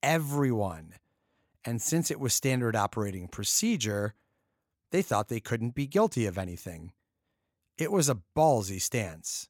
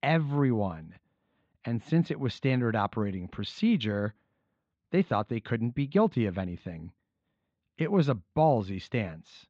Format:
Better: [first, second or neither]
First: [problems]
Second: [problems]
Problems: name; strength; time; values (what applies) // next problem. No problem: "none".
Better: first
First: none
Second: muffled; very; fading above 4 kHz